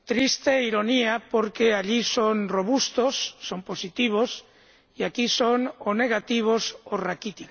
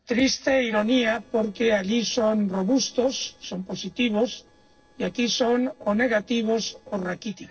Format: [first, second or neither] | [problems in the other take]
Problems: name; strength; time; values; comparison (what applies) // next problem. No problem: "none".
first | noise reduction (neural separator model SepFormer DNS4)